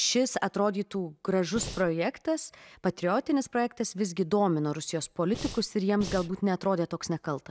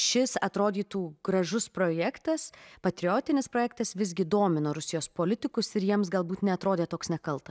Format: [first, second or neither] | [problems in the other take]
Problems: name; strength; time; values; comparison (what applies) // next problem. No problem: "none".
second | background sound (Breathing); 10 dB below the speech